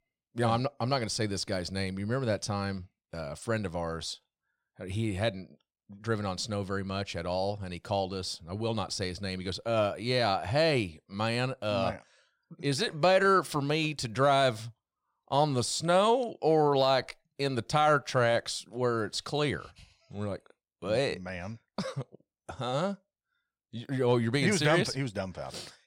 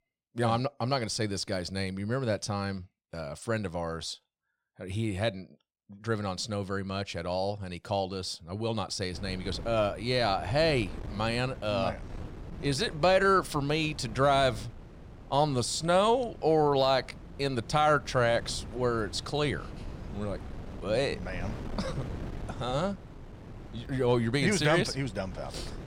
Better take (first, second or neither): first